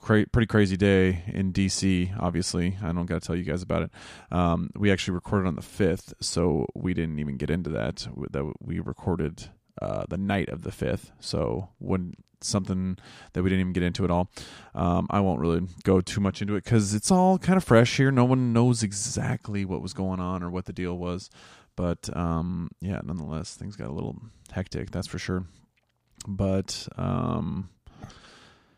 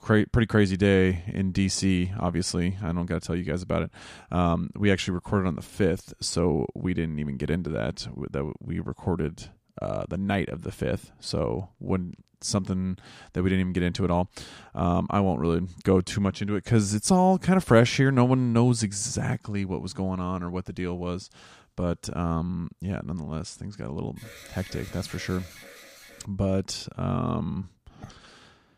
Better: first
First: none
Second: alarm; faint; from 24 to 26 s; peak 15 dB below the speech

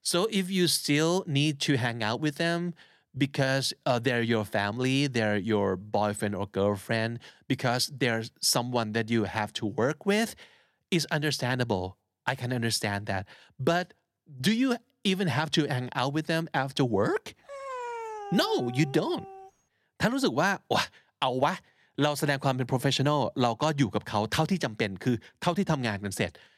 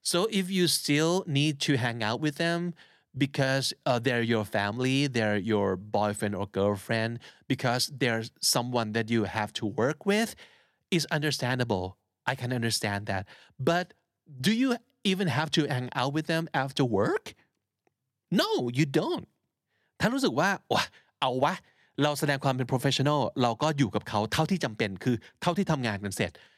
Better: second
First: dog barking; noticeable; from 17 to 19 s; peak 8 dB below the speech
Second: none

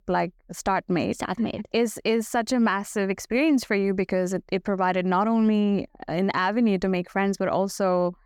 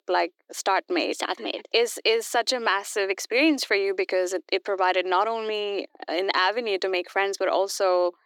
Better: first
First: none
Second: thin; very; fading below 300 Hz

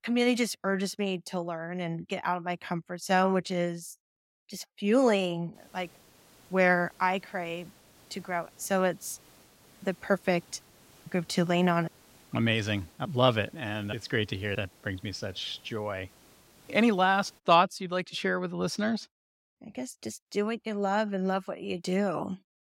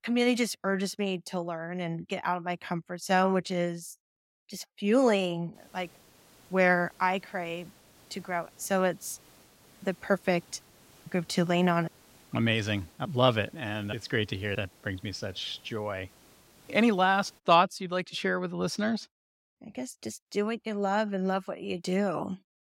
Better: neither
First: hiss; faint; from 5.5 to 17 s; 25 dB below the speech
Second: hiss; faint; from 5.5 to 17 s; 25 dB below the speech

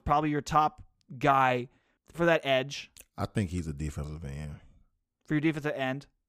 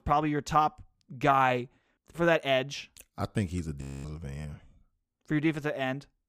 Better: first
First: none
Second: audio freezing; at 4 s

